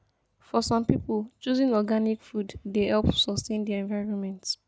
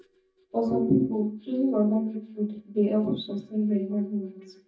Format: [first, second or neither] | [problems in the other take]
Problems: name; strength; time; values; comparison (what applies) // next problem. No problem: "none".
first | noise reduction (neural mask model DeepFilterNet 3)